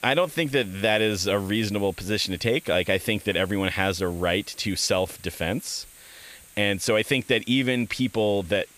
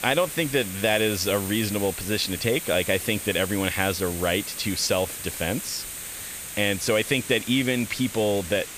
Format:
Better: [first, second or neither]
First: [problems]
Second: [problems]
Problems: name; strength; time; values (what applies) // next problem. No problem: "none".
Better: first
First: hiss; faint; throughout; 20 dB below the speech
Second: hiss; loud; throughout; 8 dB below the speech